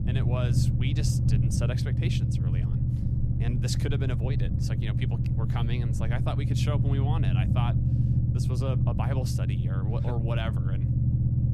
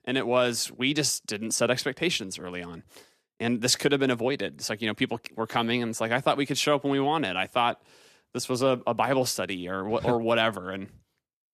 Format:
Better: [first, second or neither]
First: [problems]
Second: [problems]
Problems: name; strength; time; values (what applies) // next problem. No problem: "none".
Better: second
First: low rumble; loud; throughout; as loud as the speech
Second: none